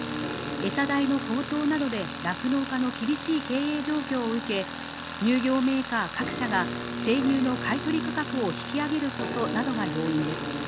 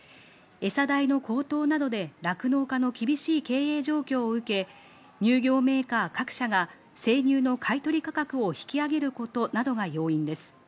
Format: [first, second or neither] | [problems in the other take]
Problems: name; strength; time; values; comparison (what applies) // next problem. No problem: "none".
second | background sound (Tools + Musical instrument); 5 dB below the speech